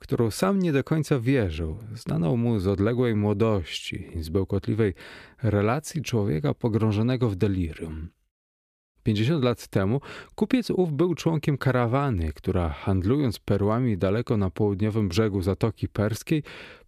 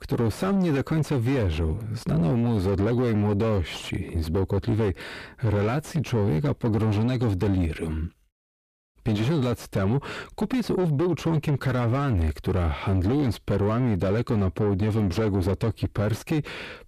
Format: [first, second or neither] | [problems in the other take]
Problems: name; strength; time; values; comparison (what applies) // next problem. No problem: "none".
first | distortion; heavy; 7 dB below the speech